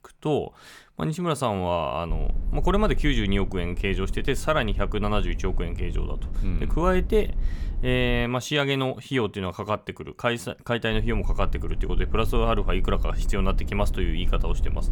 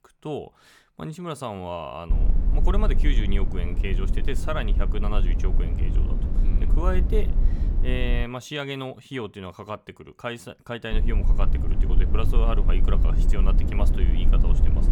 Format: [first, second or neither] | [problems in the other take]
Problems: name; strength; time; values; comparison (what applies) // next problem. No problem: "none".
first | low rumble; loud; from 2 to 8 s and from 11 s on; 8 dB below the speech; faint in the first